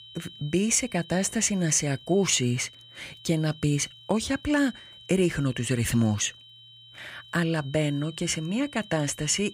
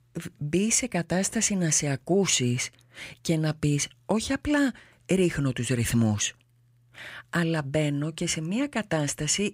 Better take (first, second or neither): second